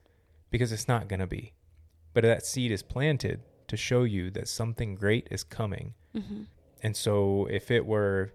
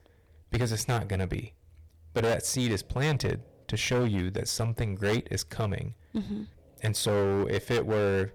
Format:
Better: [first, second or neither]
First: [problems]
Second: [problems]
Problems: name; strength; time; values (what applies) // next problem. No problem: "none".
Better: first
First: none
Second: distortion; heavy; 14% of the sound clipped